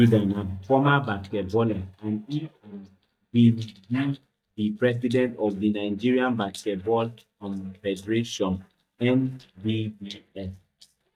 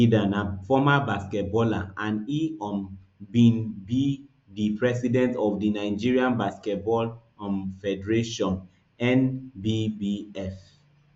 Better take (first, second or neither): second